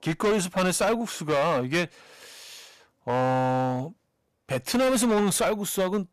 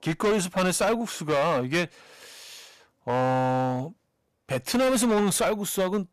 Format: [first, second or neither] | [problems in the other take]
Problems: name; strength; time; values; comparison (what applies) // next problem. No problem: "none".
neither | distortion; heavy; 13% of the sound clipped; the same in both